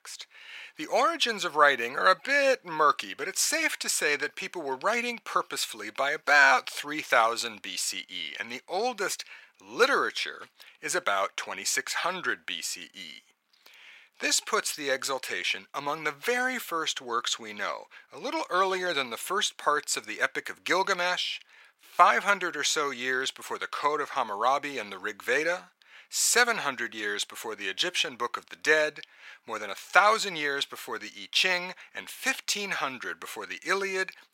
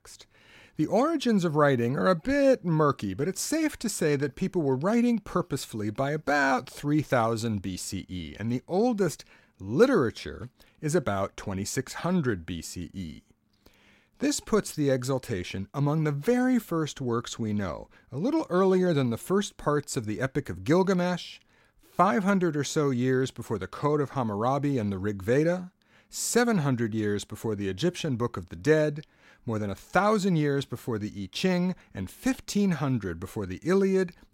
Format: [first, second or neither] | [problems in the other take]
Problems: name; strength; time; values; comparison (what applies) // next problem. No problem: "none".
second | thin; very; fading below 800 Hz